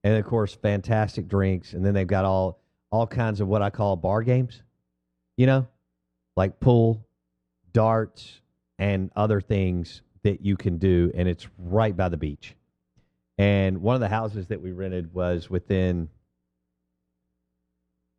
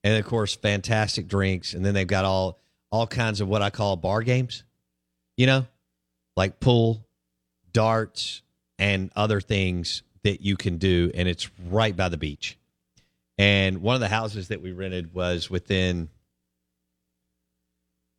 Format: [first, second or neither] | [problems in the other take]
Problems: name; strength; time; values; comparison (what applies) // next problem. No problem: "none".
second | muffled; very; fading above 2 kHz